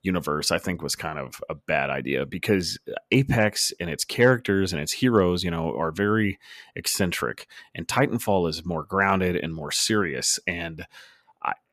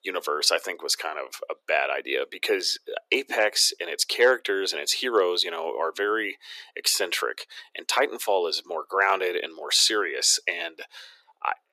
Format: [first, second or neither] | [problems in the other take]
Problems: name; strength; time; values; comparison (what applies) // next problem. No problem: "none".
first | thin; very; fading below 350 Hz